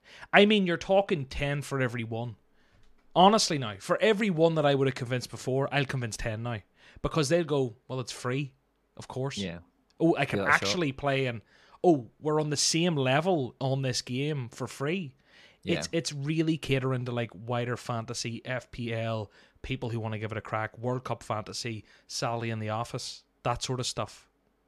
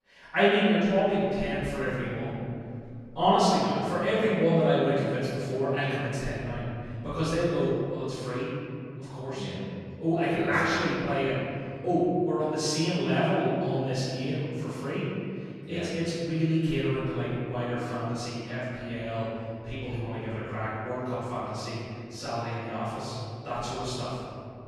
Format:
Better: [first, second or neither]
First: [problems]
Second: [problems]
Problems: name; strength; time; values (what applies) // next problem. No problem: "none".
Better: first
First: none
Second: off-mic speech; far // room echo; strong; dies away in 2.8 s